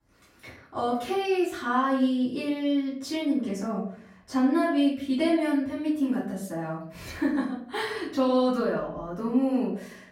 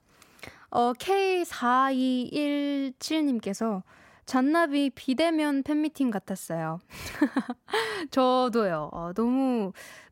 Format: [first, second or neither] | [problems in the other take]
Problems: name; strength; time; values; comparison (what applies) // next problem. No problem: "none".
second | off-mic speech; far // room echo; noticeable; dies away in 0.5 s